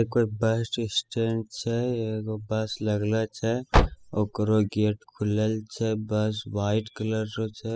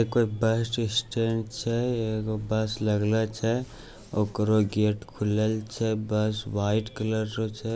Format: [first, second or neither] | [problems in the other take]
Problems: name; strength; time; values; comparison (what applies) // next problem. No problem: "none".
second | noise reduction (classical method spectral subtraction)